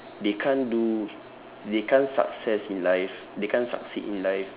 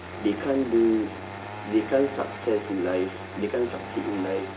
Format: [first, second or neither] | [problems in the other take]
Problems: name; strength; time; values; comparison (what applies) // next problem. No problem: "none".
first | background sound (Engine starting); 11 dB below the speech // room echo; dies away in 0.2 s